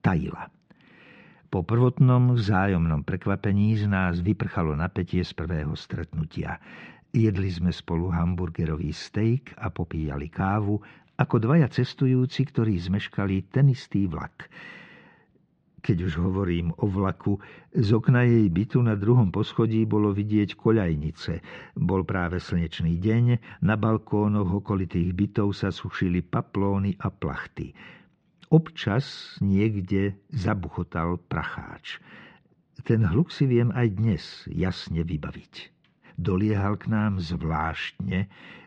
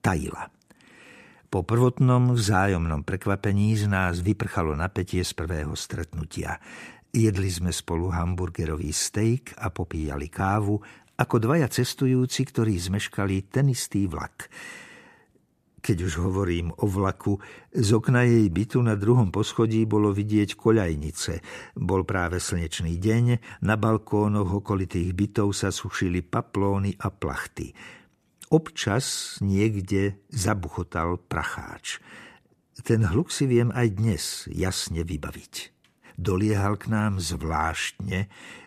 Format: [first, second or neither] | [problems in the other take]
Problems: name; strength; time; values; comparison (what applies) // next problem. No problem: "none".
second | muffled; slightly; fading above 4 kHz